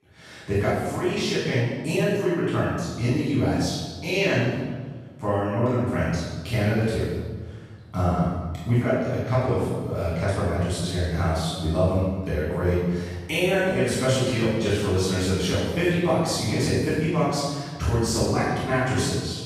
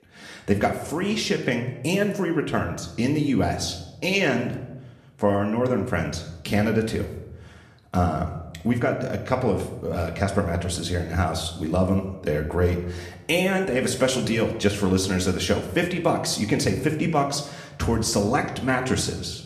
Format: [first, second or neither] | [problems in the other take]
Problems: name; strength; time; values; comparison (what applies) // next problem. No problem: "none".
second | room echo; strong; dies away in 1.3 s; slight in the second // off-mic speech; far